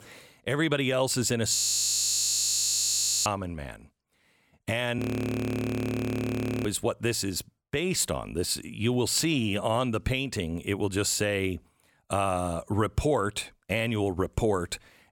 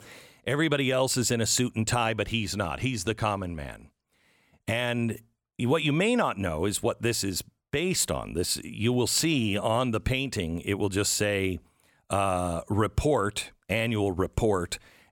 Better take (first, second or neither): second